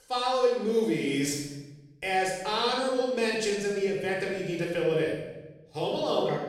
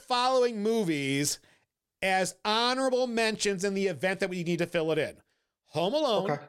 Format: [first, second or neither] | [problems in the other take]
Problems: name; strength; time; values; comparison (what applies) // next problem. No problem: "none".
second | off-mic speech; far // room echo; noticeable; dies away in 0.9 s